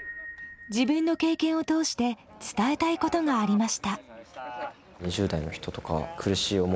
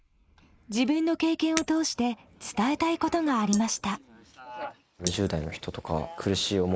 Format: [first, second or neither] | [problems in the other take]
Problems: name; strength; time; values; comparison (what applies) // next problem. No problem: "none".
first | noise reduction (neural mask model Resemble Enhance denoiser)